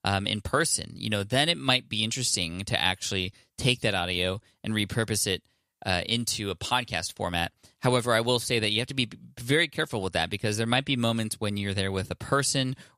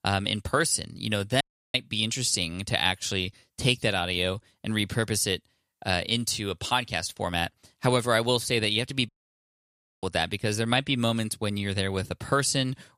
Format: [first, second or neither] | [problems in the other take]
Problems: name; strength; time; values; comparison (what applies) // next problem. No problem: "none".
first | audio cutting out; at 1.5 s and at 9 s for 1 s